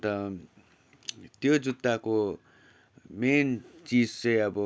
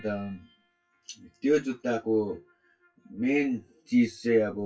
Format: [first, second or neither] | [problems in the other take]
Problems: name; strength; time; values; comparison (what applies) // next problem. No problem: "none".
first | noise reduction (classical method WPE with log-MMSE)